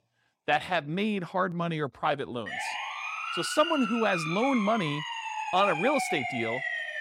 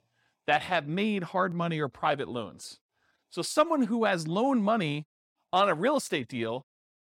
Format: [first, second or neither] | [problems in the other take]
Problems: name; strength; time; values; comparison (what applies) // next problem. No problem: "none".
second | siren; noticeable; from 2.5 s on; peak 2 dB below the speech